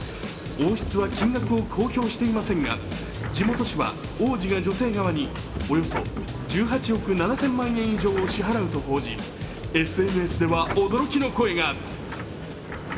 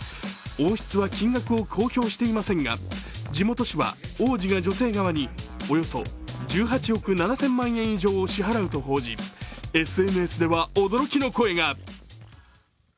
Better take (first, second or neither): second